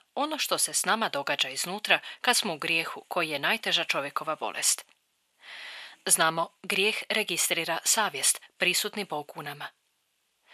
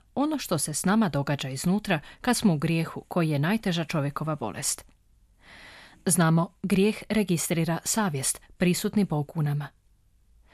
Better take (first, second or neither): second